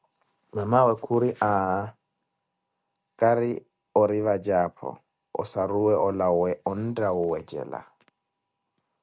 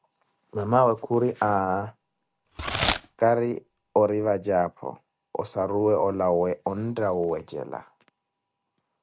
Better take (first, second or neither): first